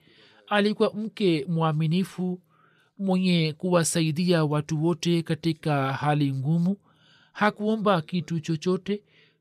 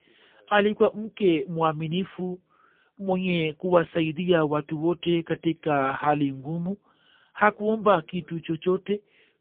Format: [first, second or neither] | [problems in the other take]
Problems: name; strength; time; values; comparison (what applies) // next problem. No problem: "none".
first | phone-call audio; poor line; nothing above 3.5 kHz